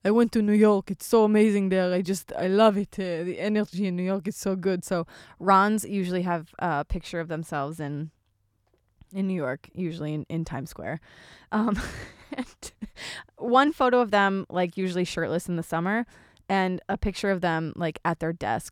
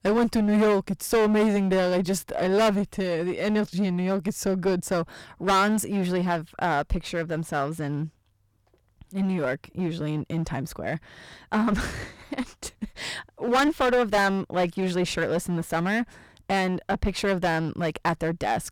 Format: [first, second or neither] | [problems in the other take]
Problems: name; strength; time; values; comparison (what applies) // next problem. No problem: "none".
first | distortion; heavy; 12% of the sound clipped